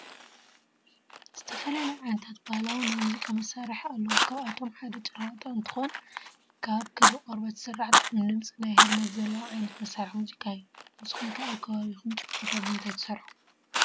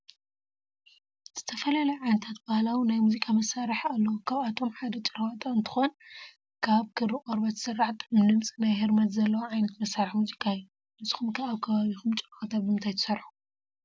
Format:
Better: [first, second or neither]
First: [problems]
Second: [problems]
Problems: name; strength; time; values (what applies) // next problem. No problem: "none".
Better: second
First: background sound (Fire); 3 dB above the speech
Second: none